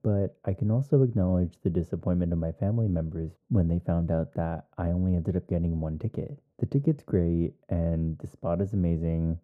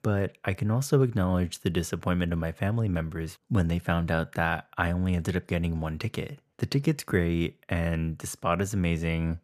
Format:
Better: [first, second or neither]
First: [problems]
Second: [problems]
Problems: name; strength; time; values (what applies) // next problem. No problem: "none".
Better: second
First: muffled; very; fading above 1 kHz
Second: none